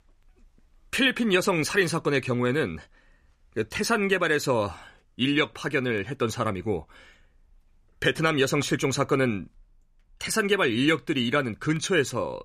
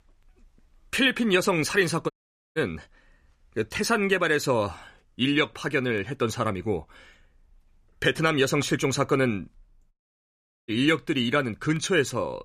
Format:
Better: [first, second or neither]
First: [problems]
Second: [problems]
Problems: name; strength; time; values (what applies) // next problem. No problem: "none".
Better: first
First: none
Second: audio cutting out; at 2 s and at 10 s for 1 s